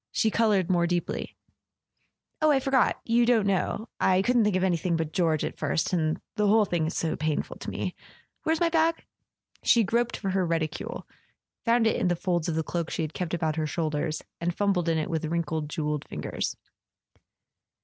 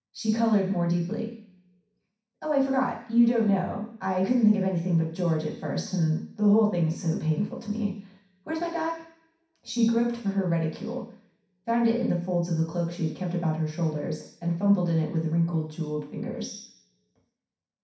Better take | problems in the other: first | room echo; dies away in 0.6 s

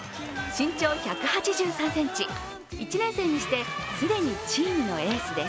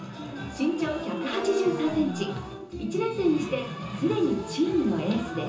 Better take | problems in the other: first | background sound (Wind instrument, woodwind instrument); 10 dB below the speech // room echo; dies away in 0.6 s

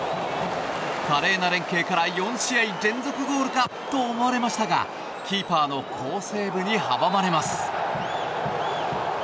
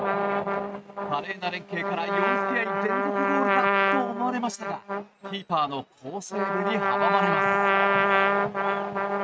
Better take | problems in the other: first | noise reduction (neural mask model RNNoise)

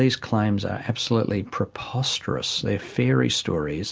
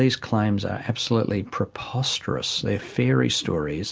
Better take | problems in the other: first | background sound (Whoosh, swoosh, swish); 20 dB below the speech

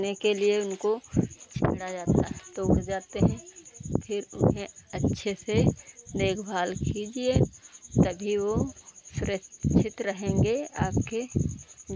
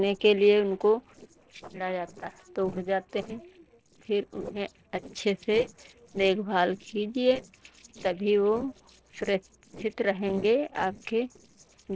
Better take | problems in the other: first | noise reduction (neural separator model SepFormer DNS4)

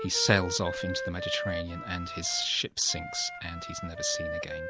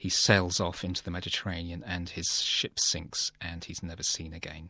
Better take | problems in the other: second | background sound (Wind instrument, woodwind instrument); 6 dB below the speech

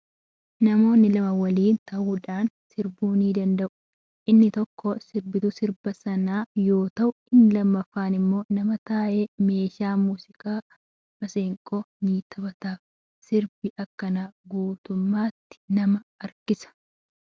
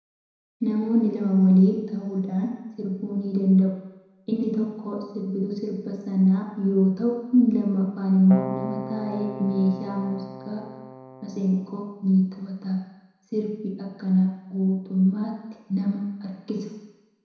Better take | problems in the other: first | background sound (Keyboard (musical)); 11 dB below the speech // room echo; dies away in 1 s

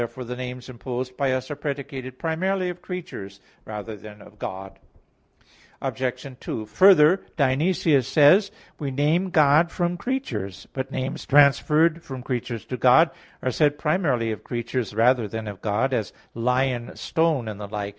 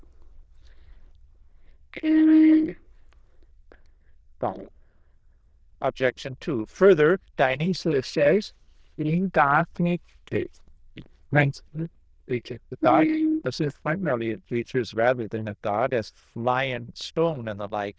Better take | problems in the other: first | noise reduction (neural diffusion model UNIVERSE++)

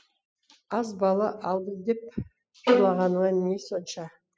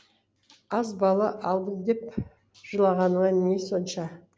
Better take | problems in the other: second | noise reduction (classical method spectral subtraction)

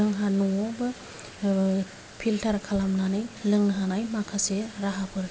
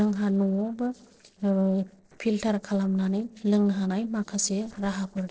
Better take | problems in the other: first | noise reduction (neural separator model SepFormer DNS4)

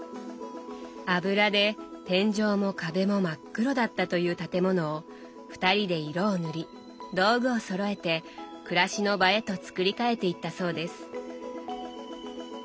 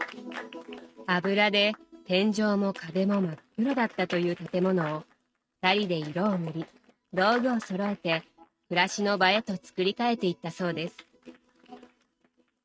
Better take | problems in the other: first | noise reduction (neural mask model RNNoise)

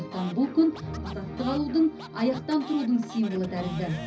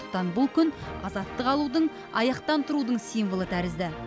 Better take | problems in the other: second | background sound (Scratching (performance technique)); 18 dB below the speech // room echo; dies away in 0.4 s

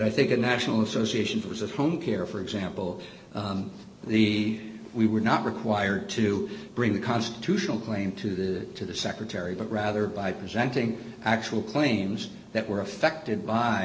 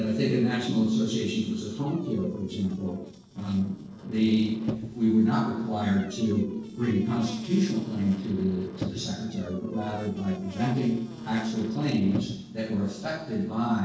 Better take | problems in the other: first | noise reduction (neural separator model SepFormer DNS4)

